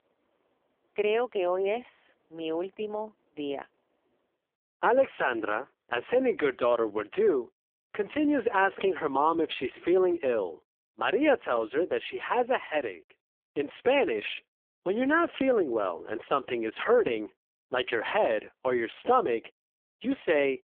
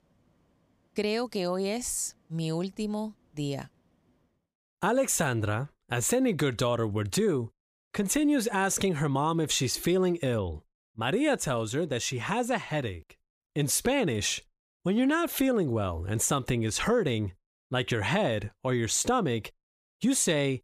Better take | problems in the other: second | phone-call audio; poor line

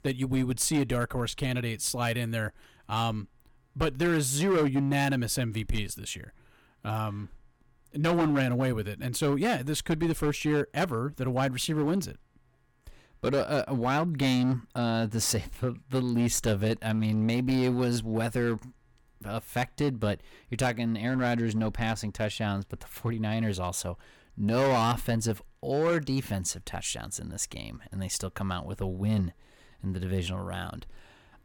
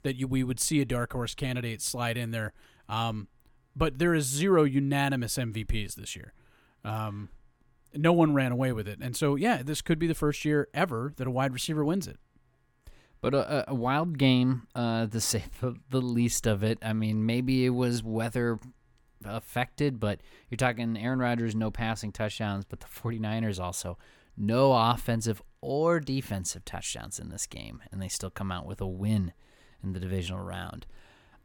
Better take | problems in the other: second | distortion; slight; 6% of the sound clipped

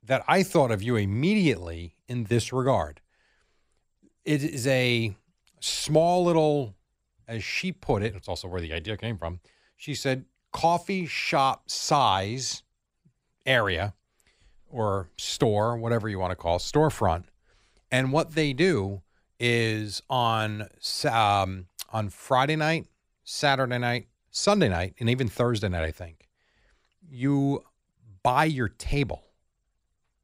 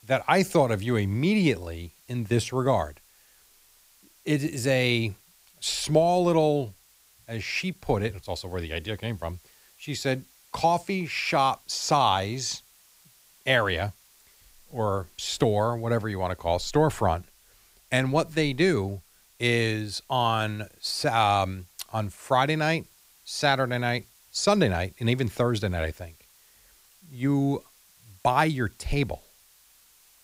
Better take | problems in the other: first | hiss; faint; throughout; 30 dB below the speech

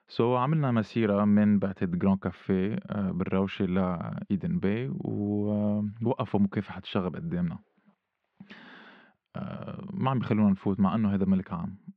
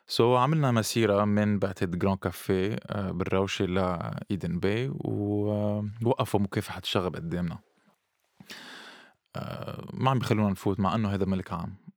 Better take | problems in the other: second | muffled; slightly; fading above 3 kHz

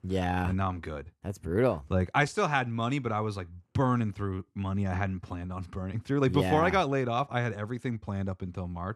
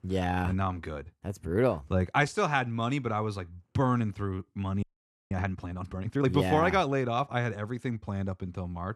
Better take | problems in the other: first | audio freezing; at 5 s

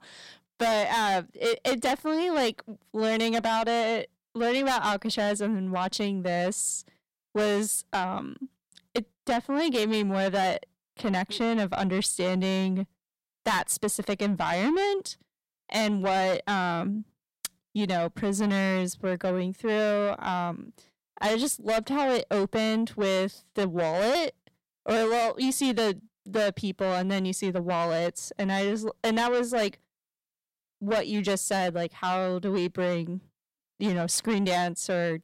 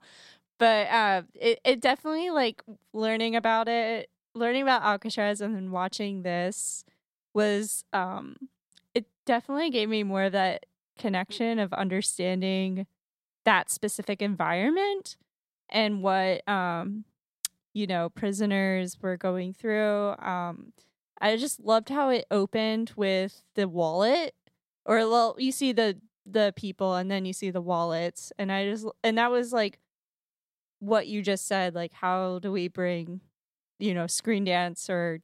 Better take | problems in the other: second | distortion; heavy; 7 dB below the speech

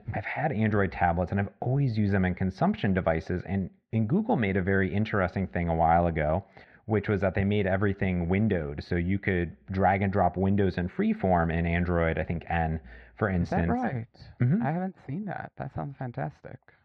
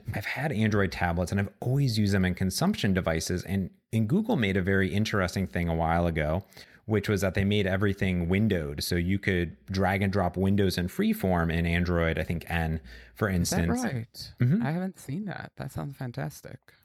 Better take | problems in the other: second | muffled; very; fading above 2.5 kHz

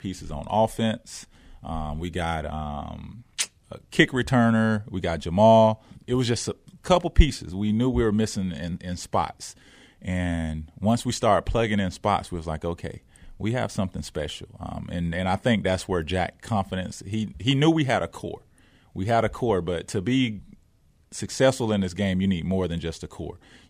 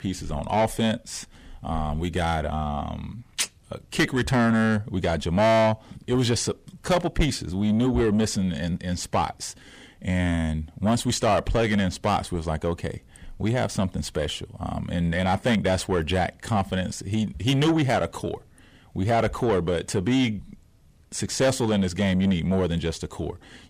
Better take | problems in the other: first | distortion; heavy; 8 dB below the speech

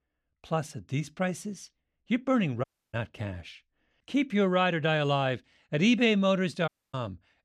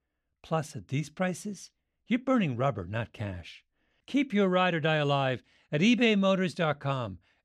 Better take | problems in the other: second | audio cutting out; at 2.5 s and at 6.5 s

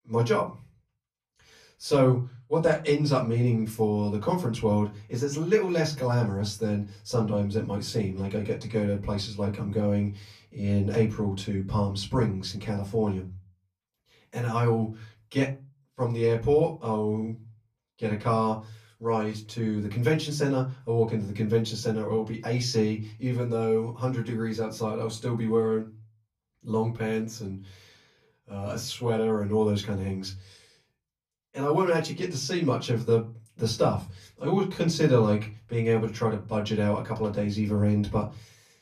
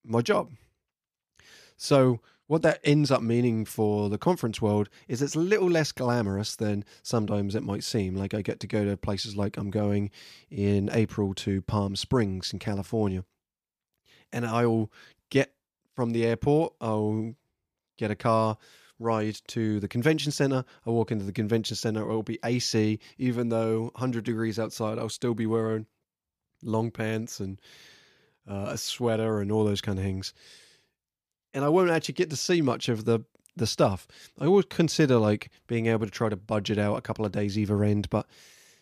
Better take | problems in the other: second | off-mic speech; far // room echo; very slight; dies away in 0.3 s

